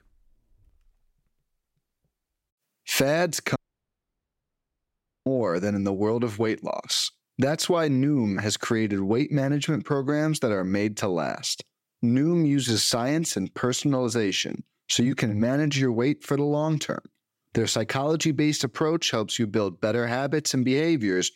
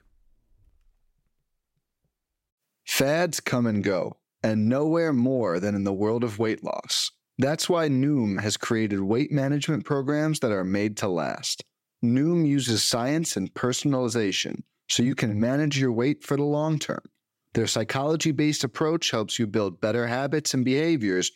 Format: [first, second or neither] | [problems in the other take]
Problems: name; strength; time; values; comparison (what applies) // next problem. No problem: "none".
second | audio cutting out; at 3.5 s for 1.5 s